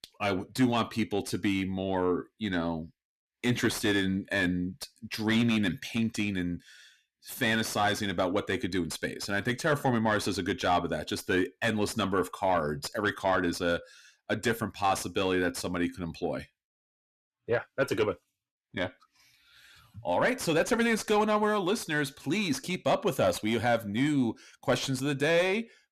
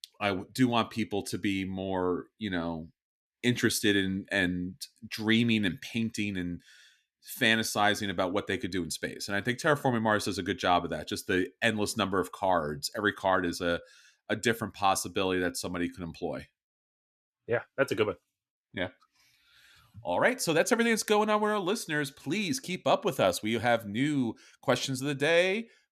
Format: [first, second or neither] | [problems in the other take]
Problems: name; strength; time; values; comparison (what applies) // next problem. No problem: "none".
second | distortion; slight; 10 dB below the speech